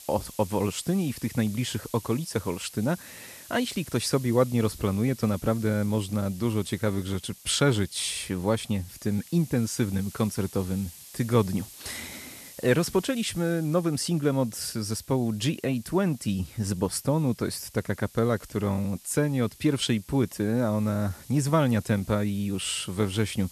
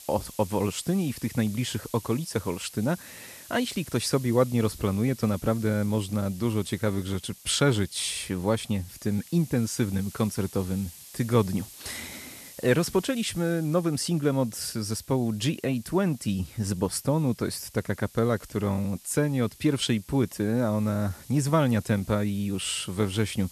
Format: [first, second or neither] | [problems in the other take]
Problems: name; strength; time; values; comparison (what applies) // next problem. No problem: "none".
neither | hiss; noticeable; throughout; 20 dB below the speech; the same in both